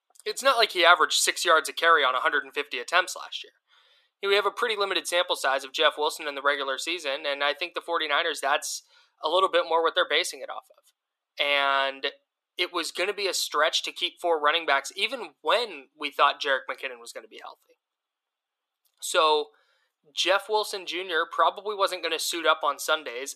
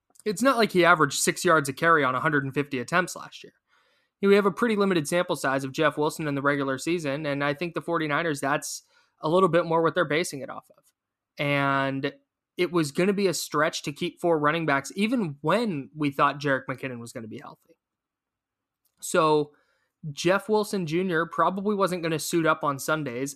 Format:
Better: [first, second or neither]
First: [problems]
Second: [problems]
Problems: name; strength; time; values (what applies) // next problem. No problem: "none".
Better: second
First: thin; very; fading below 450 Hz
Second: none